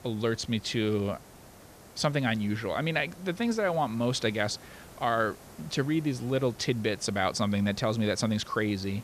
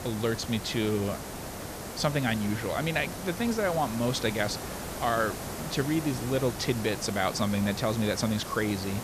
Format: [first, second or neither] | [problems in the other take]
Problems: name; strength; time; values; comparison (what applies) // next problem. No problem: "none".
first | hiss; loud; throughout; 8 dB below the speech; faint in the first